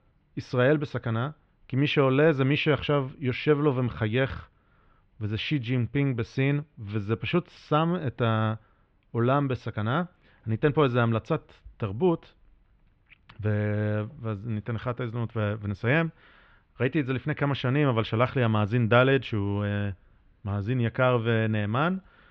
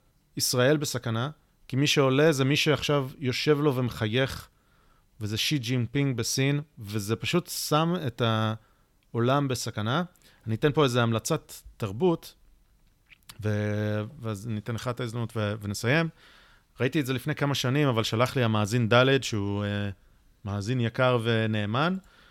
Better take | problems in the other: second | muffled; very; fading above 3 kHz

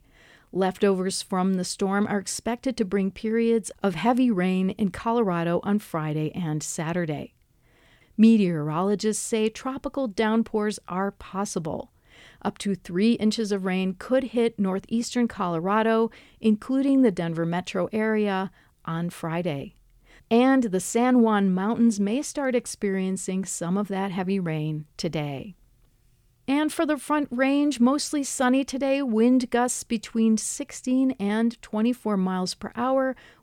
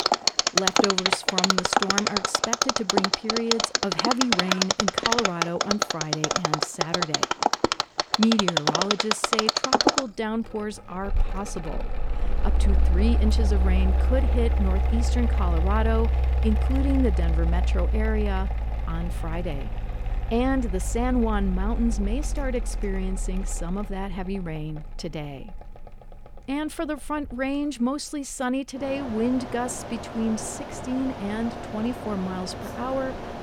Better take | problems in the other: first | machinery noise; very loud; throughout; 4 dB above the speech

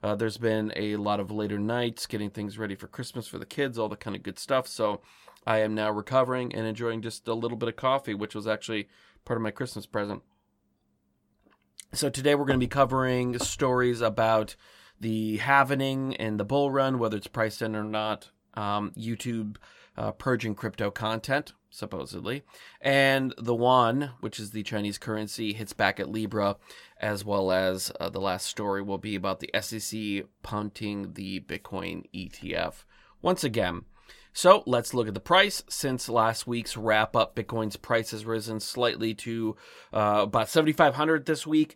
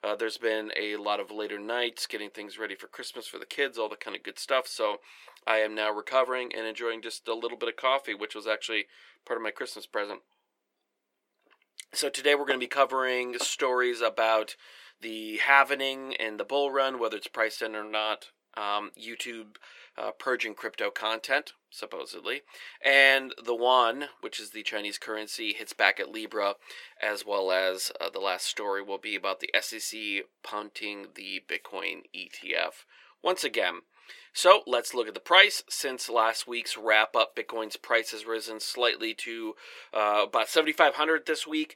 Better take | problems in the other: first | thin; very; fading below 400 Hz

